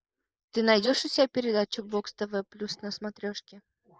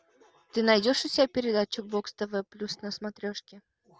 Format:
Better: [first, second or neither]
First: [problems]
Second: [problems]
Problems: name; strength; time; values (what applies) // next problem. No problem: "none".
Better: second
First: noise reduction (neural mask model Resemble Enhance denoiser)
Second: none